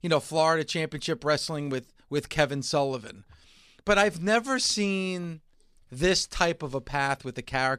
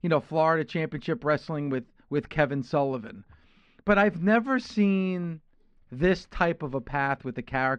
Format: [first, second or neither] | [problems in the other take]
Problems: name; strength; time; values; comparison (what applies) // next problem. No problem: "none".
first | muffled; very; fading above 2 kHz